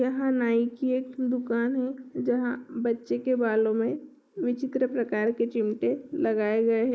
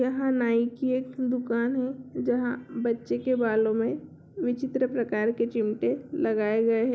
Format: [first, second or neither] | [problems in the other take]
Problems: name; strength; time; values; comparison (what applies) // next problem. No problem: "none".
second | noise reduction (neural mask model Resemble Enhance denoiser)